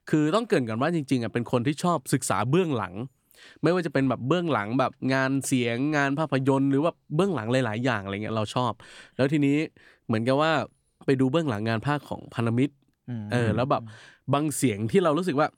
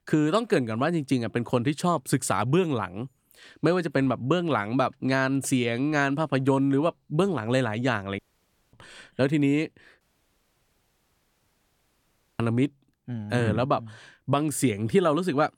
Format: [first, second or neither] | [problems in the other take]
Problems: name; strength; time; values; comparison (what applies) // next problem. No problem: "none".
first | audio cutting out; at 8 s for 0.5 s and at 10 s for 2.5 s